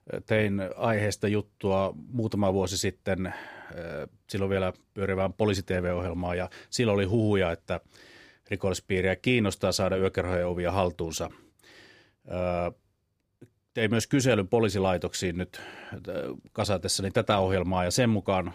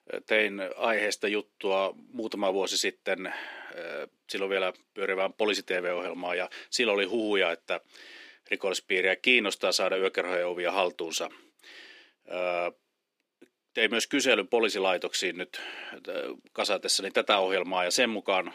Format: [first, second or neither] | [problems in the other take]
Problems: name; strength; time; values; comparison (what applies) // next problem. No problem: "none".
first | thin; somewhat; fading below 250 Hz